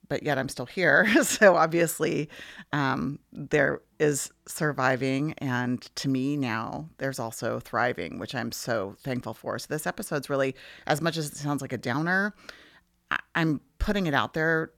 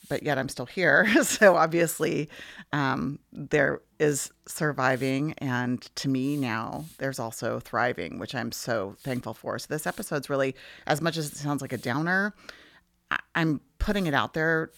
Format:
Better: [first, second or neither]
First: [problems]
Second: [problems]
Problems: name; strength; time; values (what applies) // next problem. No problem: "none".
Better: first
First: none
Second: hiss; faint; throughout; 25 dB below the speech